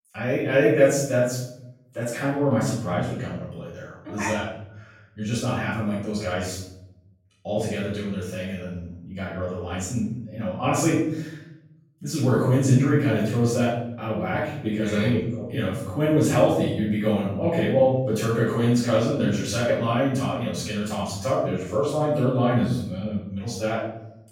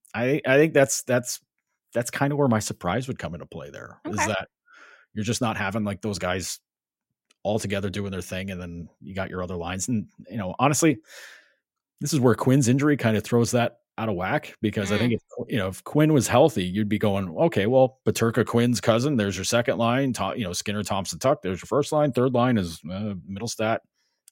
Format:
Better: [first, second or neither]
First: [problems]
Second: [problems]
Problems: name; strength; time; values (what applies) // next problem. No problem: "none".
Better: second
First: room echo; noticeable; dies away in 0.8 s // off-mic speech; far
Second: none